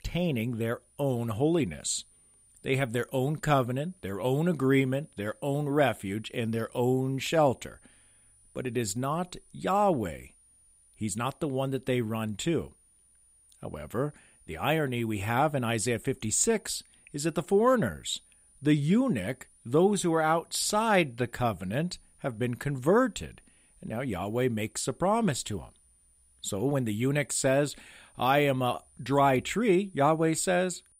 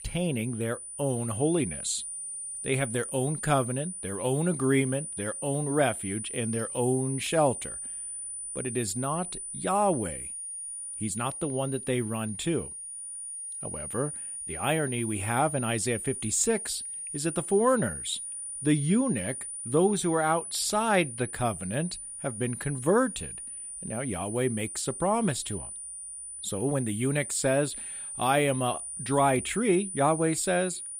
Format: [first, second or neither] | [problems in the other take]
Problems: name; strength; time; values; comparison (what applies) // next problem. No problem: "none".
first | high-pitched whine; loud; throughout; 9.5 kHz, 7 dB below the speech; faint in the first